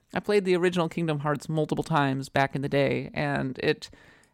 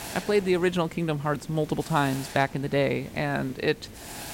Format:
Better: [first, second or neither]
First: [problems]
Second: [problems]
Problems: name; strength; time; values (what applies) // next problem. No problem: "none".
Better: first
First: none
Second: hiss; noticeable; throughout; 15 dB below the speech